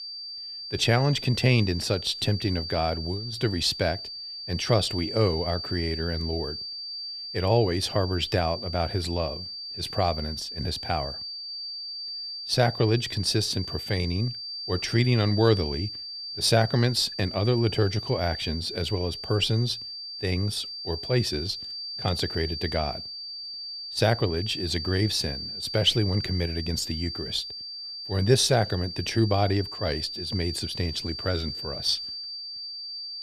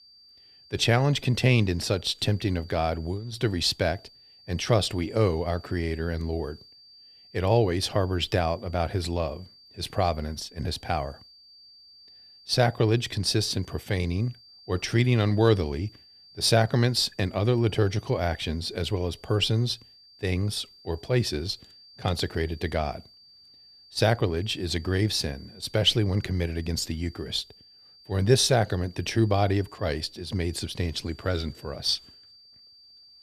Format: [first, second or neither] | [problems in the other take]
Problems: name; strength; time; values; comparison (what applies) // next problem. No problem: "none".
second | high-pitched whine; loud; throughout; 4.5 kHz, 7 dB below the speech; faint in the second